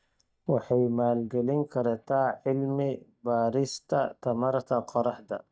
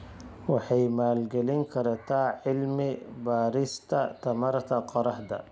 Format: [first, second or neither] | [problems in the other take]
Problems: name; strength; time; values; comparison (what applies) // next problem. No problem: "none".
second | noise reduction (neural mask model DeepFilterNet 3)